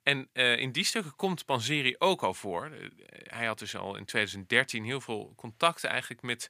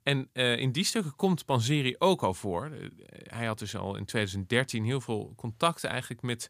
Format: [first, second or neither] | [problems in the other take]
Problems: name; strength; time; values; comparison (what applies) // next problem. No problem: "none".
second | thin; somewhat; fading below 550 Hz